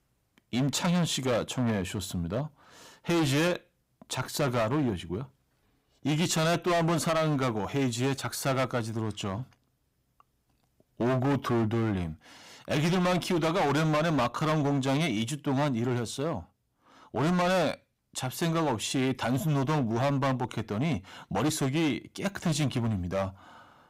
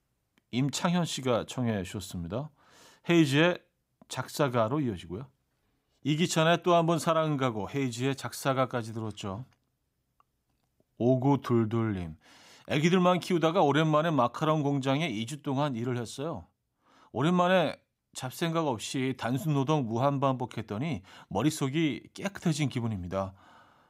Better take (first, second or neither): second